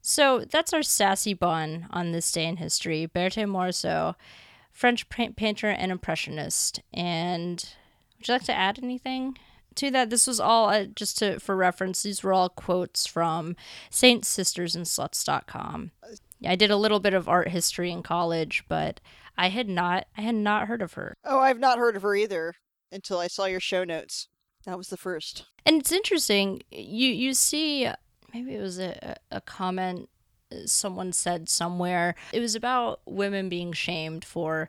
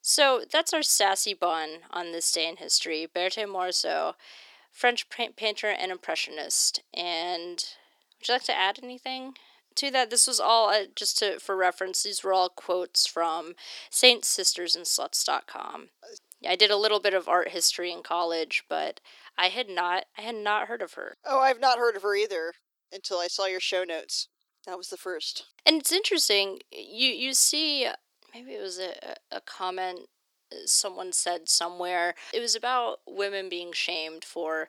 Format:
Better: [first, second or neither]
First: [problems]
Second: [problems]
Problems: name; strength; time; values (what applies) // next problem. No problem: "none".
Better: first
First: none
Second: thin; somewhat; fading below 350 Hz